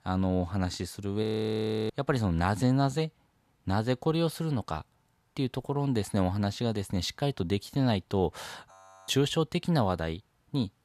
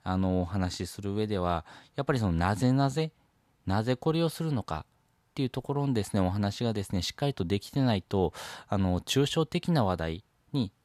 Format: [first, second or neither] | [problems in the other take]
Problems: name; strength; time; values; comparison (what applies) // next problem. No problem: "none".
second | audio freezing; at 1 s for 0.5 s and at 8.5 s